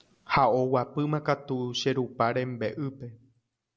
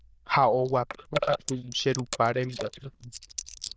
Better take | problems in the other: first | noise reduction (neural diffusion model UNIVERSE++)

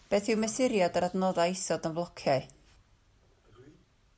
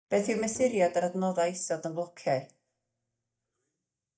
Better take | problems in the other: first | noise reduction (neural mask model DeepFilterNet 3)

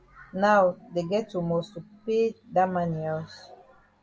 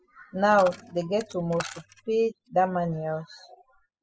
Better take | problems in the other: first | noise reduction (classical method spectral subtraction)

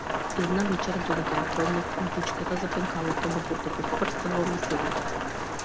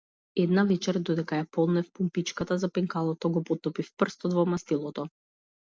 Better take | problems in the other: second | background sound (Rain); 1 dB above the speech

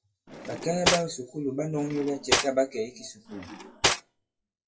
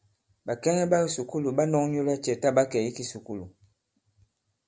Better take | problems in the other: second | noise reduction (classical method WPE with log-MMSE)

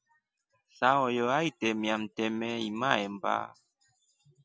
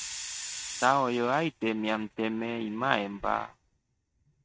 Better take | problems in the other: first | noise reduction (neural mask model RNNoise)

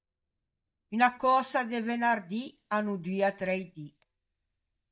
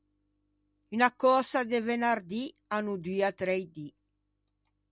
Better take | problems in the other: second | noise reduction (neural mask model DeepFilterNet 3)

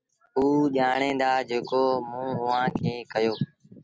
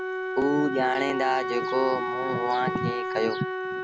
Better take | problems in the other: first | background sound (Wind instrument, woodwind instrument); 2 dB below the speech

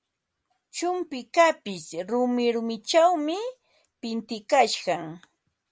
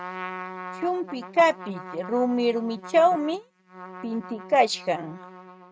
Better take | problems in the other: first | noise reduction (neural mask model RNNoise)

